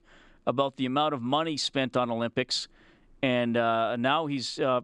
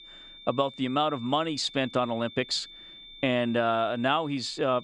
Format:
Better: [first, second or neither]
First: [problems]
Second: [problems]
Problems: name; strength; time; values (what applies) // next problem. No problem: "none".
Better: first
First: none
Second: high-pitched whine; noticeable; throughout; 3.5 kHz, 15 dB below the speech